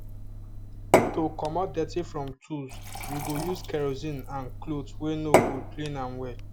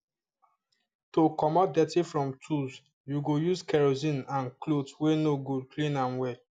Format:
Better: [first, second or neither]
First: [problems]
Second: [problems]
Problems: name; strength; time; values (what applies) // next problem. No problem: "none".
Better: second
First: background sound (Fill (with liquid) / Glass / Water); 3 dB above the speech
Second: none